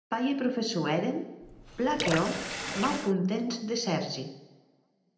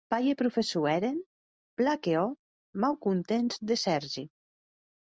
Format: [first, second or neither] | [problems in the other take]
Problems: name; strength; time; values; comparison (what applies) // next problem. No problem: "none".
second | background sound (Water tap, faucet / Water); 5 dB below the speech // room echo; dies away in 0.8 s